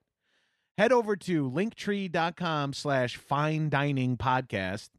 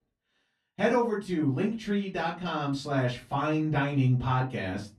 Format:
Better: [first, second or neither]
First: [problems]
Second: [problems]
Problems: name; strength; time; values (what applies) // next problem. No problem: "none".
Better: first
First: none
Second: off-mic speech; far // room echo; very slight; dies away in 0.2 s